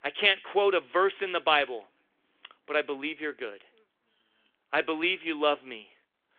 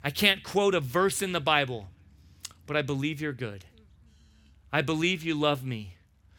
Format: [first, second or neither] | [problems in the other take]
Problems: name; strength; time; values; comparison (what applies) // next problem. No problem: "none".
second | phone-call audio; nothing above 3.5 kHz